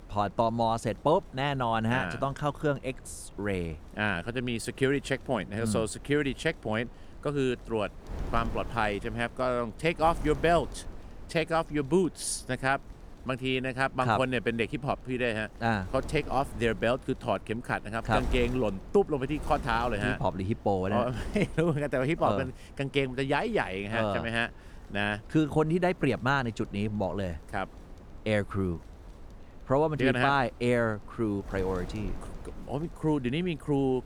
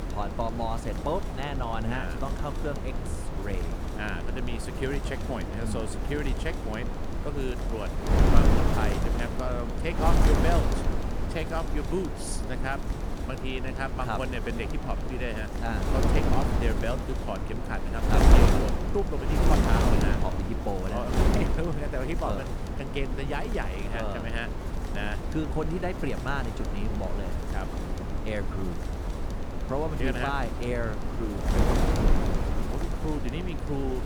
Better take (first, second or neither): first